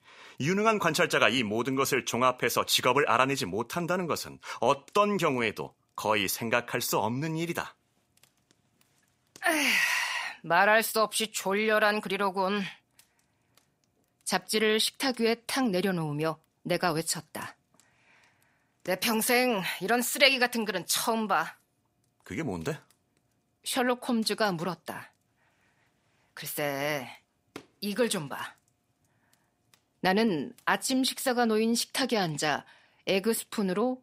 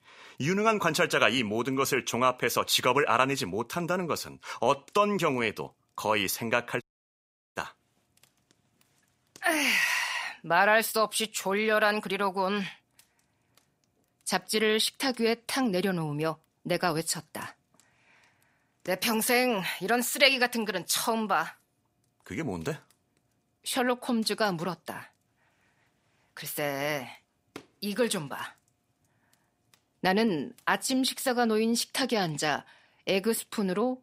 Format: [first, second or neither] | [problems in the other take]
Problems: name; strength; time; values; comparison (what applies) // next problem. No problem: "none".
first | audio cutting out; at 7 s for 0.5 s